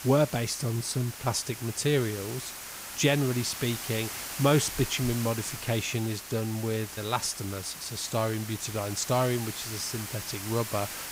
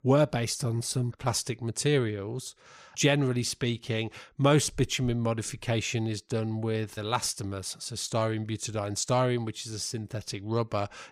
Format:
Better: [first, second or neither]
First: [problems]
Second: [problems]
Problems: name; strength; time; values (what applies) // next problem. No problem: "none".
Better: second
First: hiss; loud; throughout; 8 dB below the speech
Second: none